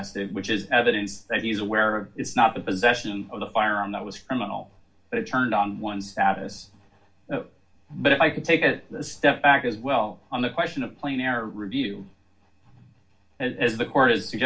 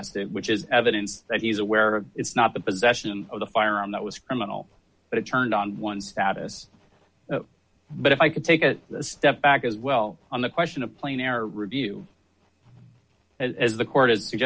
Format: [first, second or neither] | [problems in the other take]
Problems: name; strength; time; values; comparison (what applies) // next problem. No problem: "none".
second | room echo; dies away in 0.2 s